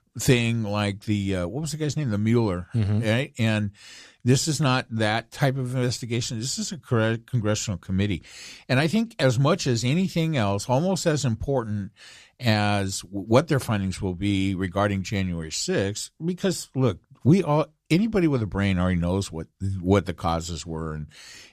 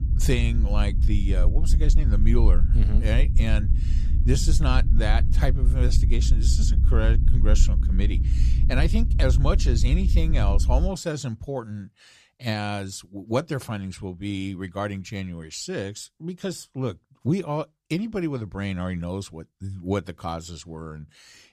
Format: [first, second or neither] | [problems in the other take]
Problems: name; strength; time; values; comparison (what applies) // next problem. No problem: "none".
first | low rumble; loud; until 11 s; 10 dB below the speech